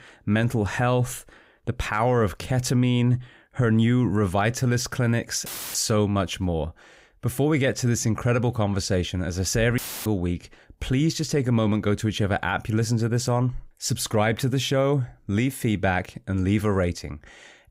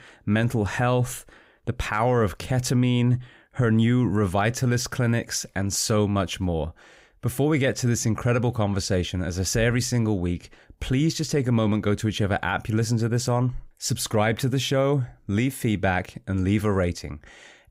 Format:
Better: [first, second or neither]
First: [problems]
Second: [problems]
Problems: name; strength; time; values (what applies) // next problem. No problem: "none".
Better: second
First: audio cutting out; filled with static; at 5.5 s and at 10 s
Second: none